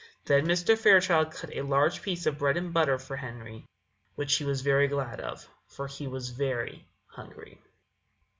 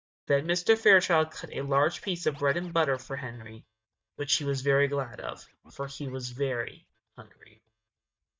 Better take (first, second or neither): first